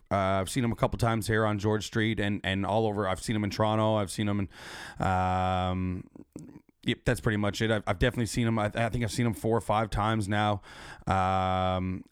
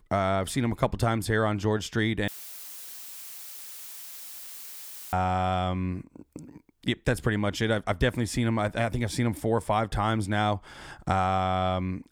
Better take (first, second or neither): first